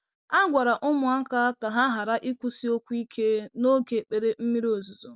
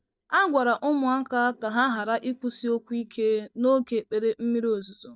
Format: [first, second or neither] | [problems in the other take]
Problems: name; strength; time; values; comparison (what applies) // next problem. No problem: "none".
first | noise reduction (neural mask model DeepFilterNet 3)